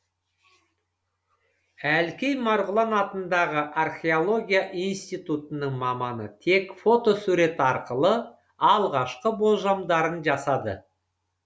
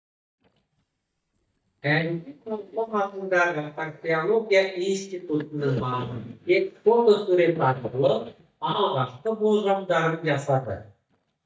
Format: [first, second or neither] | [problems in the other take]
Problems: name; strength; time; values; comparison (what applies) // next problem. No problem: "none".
first | noise reduction (neural mask model DeepFilterNet 3)